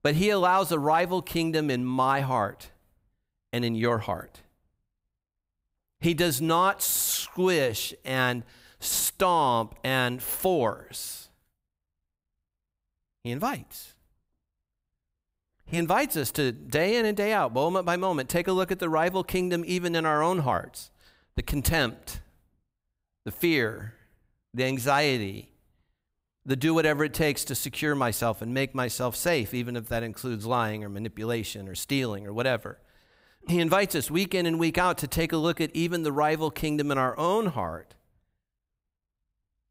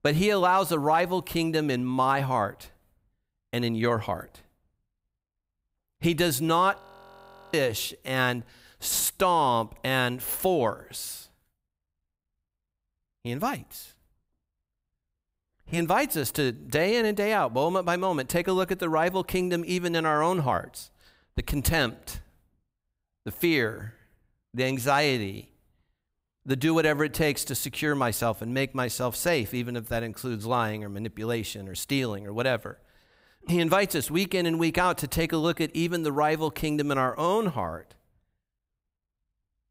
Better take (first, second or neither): first